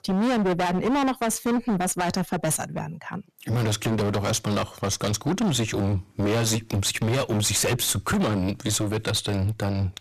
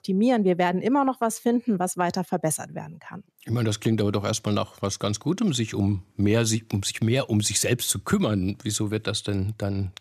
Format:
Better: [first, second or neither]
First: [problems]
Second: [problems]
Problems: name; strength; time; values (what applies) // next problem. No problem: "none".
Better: second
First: distortion; heavy; 26% of the sound clipped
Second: none